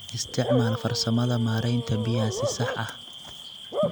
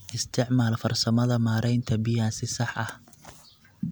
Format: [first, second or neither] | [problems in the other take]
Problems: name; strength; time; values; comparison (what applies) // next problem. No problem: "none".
second | background sound (Bark / Cricket); 5 dB below the speech